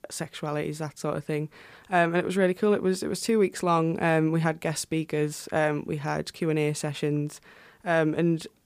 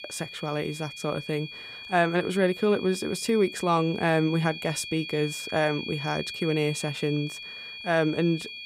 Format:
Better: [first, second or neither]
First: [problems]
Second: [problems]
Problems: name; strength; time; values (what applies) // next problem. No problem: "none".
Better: first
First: none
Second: high-pitched whine; loud; throughout; 2.5 kHz, 10 dB below the speech